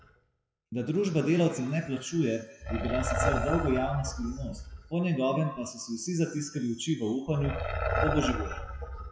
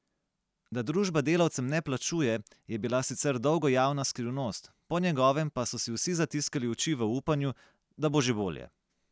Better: second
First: noise reduction (classical method WPE with log-MMSE)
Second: none

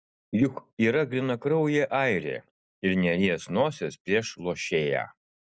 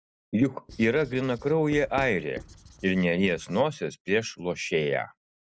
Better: first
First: none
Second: background sound (Writing); 18 dB below the speech

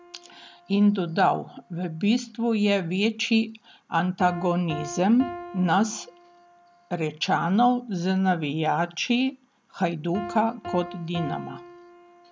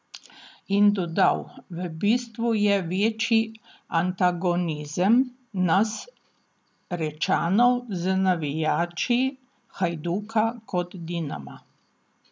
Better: second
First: background sound (Piano); 16 dB below the speech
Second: none

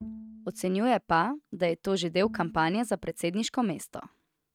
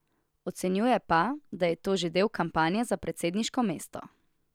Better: second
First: noise reduction (neural mask model RNNoise)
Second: none

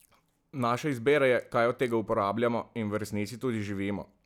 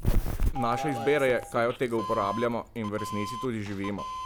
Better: first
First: none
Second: background sound (Doorbell); 2 dB below the speech

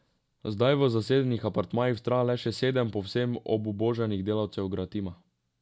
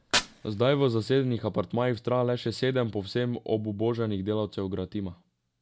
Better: first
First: none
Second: background sound (Fire); 12 dB below the speech

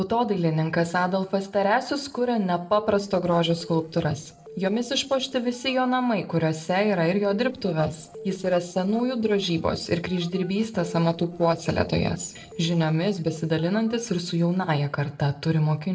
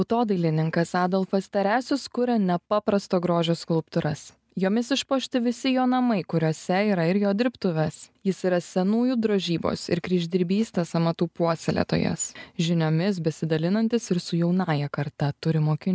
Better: second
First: noise reduction (neural separator model SepFormer DNS4)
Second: none

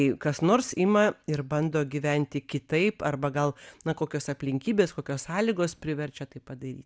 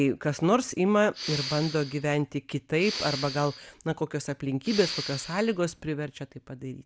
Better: first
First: none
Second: background sound (Respiratory sounds); 9 dB below the speech

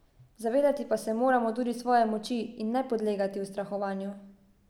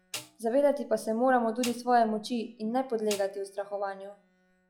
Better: first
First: none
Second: noise reduction (classical method log-MMSE)

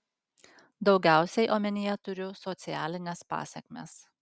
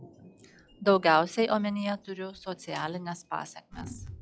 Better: first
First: none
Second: noise reduction (classical method log-MMSE)

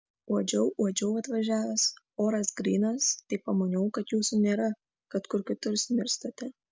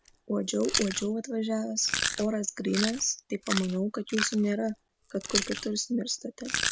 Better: first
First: none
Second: background sound (Chewing, mastication); 5 dB below the speech

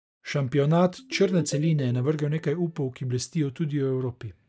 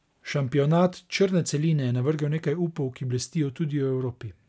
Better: second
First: noise reduction (neural mask model DeepFilterNet 3)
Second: none

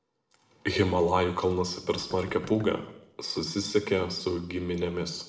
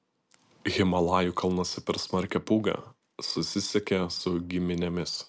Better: second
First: noise reduction (neural separator model SepFormer DNS4)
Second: none

